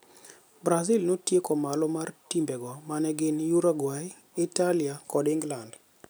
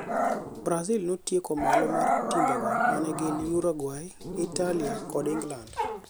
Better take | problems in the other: first | background sound (Growling); 1 dB above the speech

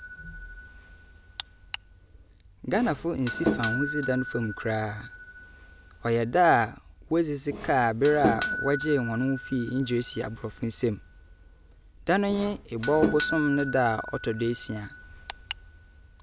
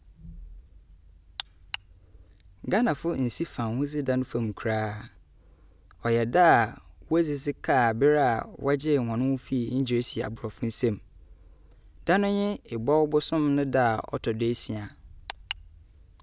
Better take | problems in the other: second | background sound (Doorbell); 8 dB below the speech

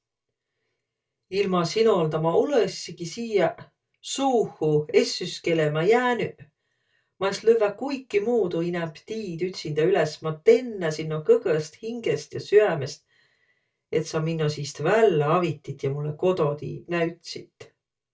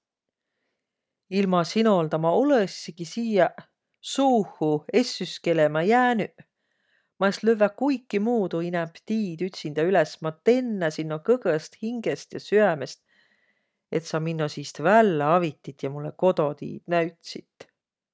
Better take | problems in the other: second | room echo; dies away in 0.2 s

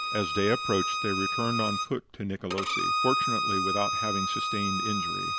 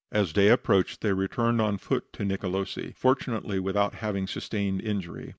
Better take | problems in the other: second | background sound (Bowed string instrument); 1 dB above the speech

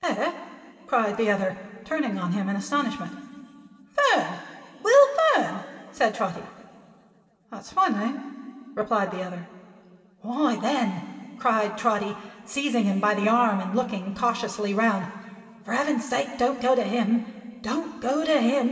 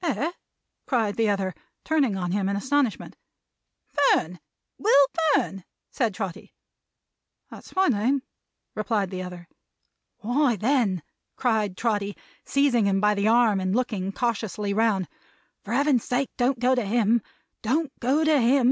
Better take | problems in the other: second | room echo; dies away in 2.3 s

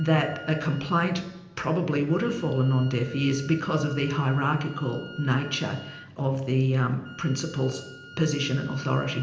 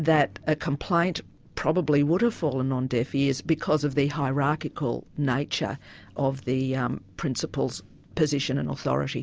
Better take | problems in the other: second | background sound (Wind instrument, woodwind instrument); 19 dB below the speech // room echo; dies away in 0.8 s

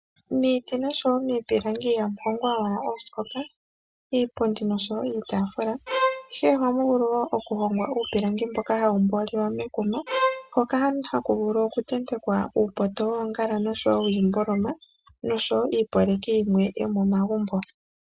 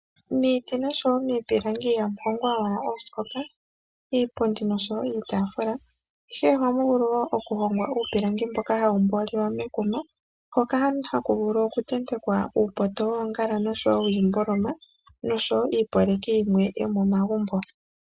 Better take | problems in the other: second | background sound (Bowed string instrument); 2 dB below the speech

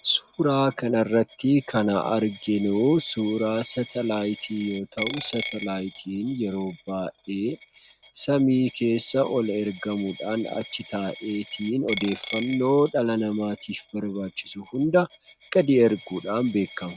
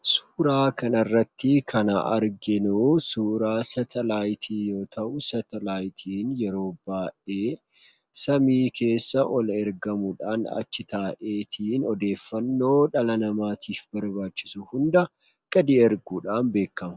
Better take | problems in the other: second | background sound (Coin (dropping)); 17 dB below the speech

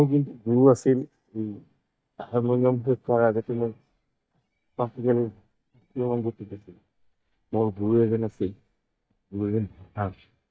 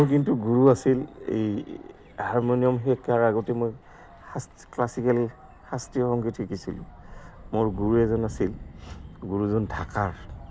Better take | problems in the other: second | noise reduction (neural mask model DeepFilterNet 3)

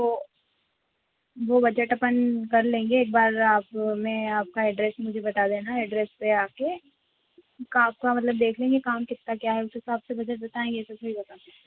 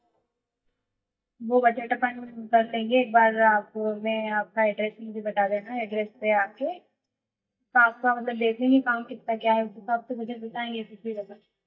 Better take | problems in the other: first | noise reduction (neural mask model DeepFilterNet 3)

